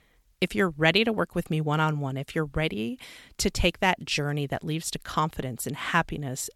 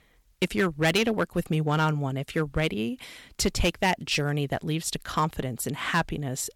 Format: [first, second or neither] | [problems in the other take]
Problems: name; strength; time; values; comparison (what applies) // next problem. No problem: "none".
first | distortion; slight; 3% of the sound clipped